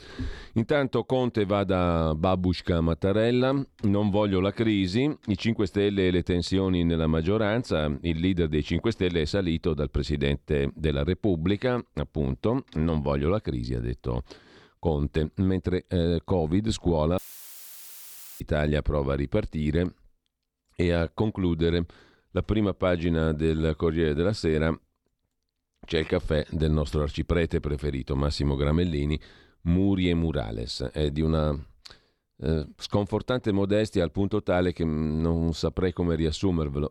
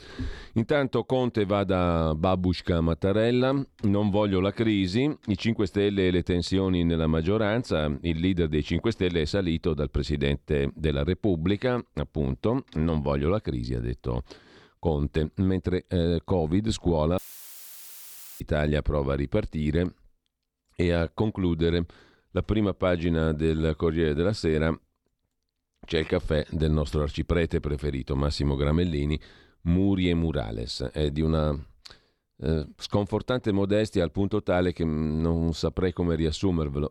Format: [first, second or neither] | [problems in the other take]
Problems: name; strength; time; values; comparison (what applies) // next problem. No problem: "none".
neither | audio cutting out; filled with static; at 17 s for 1 s; the same in both